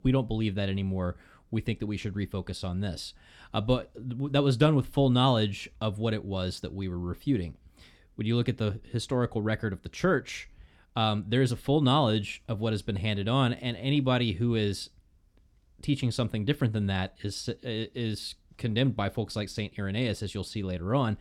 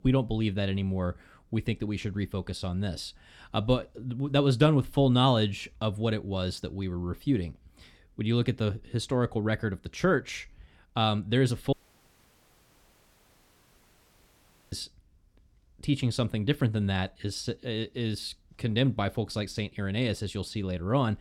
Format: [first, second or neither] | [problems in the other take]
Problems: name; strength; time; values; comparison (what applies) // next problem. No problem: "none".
first | audio cutting out; at 12 s for 3 s